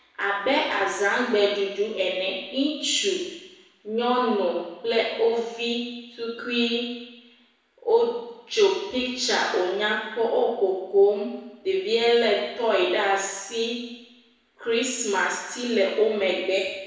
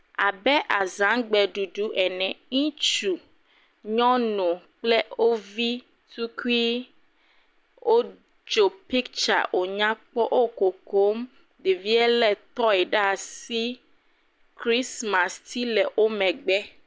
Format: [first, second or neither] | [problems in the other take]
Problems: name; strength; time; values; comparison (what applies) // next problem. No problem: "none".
second | room echo; dies away in 1 s